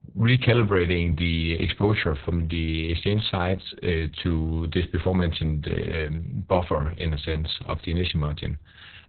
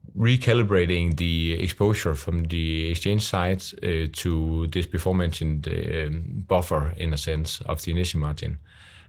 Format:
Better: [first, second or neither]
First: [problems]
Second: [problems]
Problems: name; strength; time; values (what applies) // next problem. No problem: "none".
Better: second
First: garbled, watery; badly; nothing above 4 kHz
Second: garbled, watery; slightly; nothing above 17.5 kHz